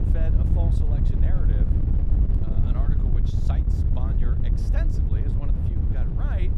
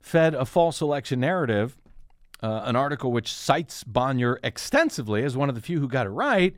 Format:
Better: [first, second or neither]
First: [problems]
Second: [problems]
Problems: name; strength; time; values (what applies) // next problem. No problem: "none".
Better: second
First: wind noise on the microphone; heavy; 4 dB above the speech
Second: none